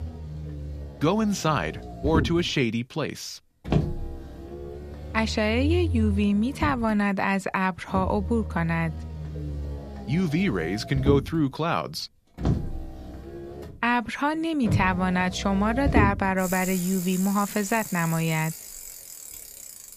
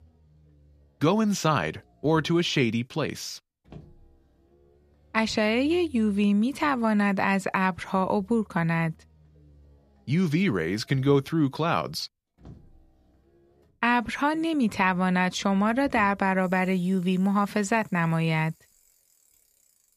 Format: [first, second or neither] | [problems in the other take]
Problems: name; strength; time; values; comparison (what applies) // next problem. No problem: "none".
second | traffic noise; loud; throughout; 7 dB below the speech; faint in the second